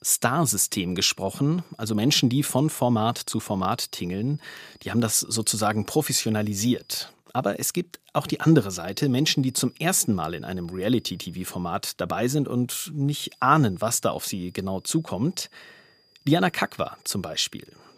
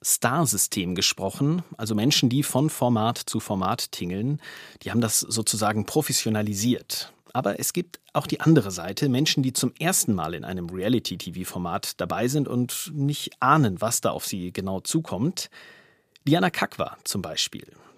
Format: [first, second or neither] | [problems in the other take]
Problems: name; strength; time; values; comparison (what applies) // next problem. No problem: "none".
second | high-pitched whine; faint; until 7 s, from 9 to 12 s and from 13 s on; 5 kHz, 35 dB below the speech